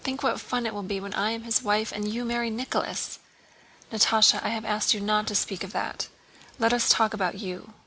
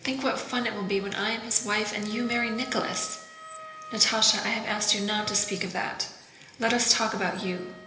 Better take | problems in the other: first | background sound (Wind instrument, woodwind instrument); 17 dB below the speech // room echo; dies away in 1.4 s

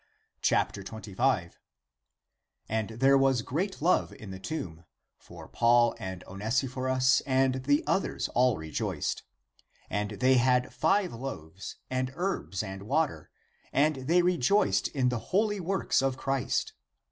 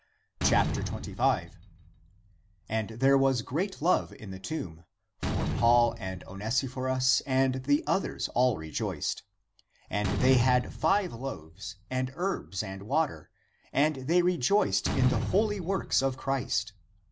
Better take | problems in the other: first | background sound (Slam); 8 dB below the speech

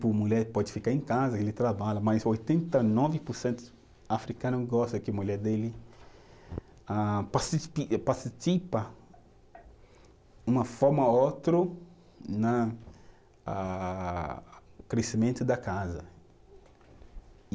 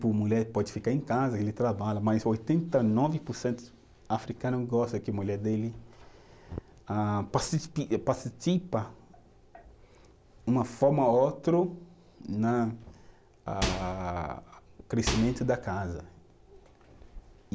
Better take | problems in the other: first | background sound (Microwave oven); 3 dB below the speech

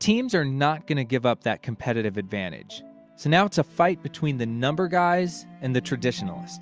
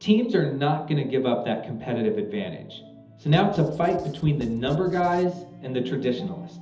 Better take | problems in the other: first | background sound (Writing); 18 dB below the speech // room echo; dies away in 1.2 s

